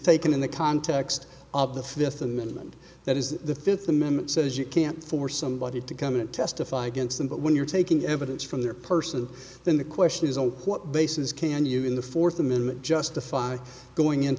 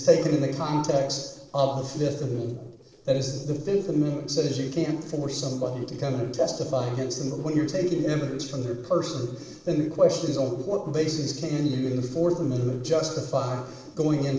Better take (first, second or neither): first